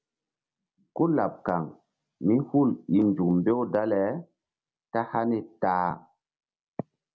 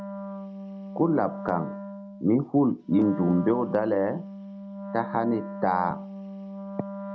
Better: first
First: none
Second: background sound (Wind instrument, woodwind instrument); 10 dB below the speech

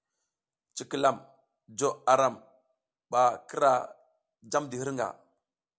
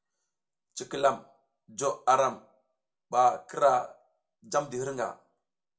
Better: first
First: none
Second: room echo; dies away in 0.3 s

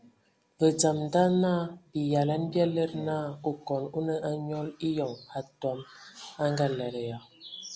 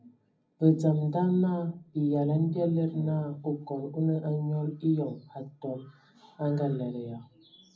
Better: first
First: none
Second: room echo; dies away in 0.4 s

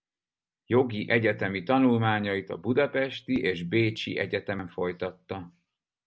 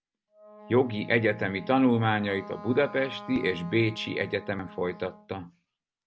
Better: first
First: none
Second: background sound (Wind instrument, woodwind instrument); 17 dB below the speech

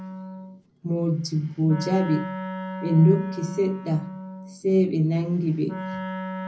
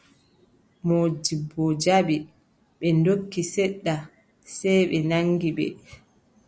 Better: second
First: background sound (Wind instrument, woodwind instrument); 10 dB below the speech // room echo; dies away in 0.4 s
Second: none

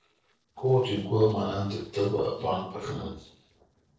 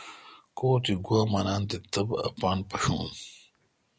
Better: second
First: noise reduction (neural separator model SepFormer DNS4)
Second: none

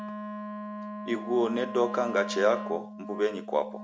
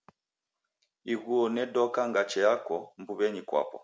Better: second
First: background sound (Wind instrument, woodwind instrument); 8 dB below the speech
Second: none

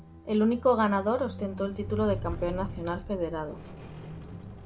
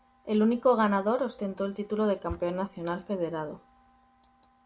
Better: second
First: background sound (Squeak); 10 dB below the speech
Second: none

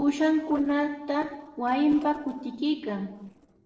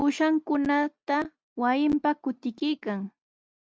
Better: second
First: noise reduction (neural separator model SepFormer DNS4)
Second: none

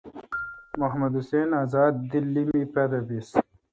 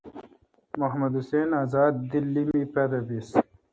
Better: second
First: noise reduction (neural mask model RNNoise)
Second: none

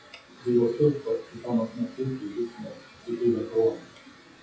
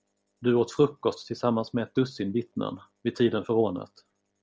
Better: second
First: noise reduction (classical method WPE with log-MMSE)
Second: none

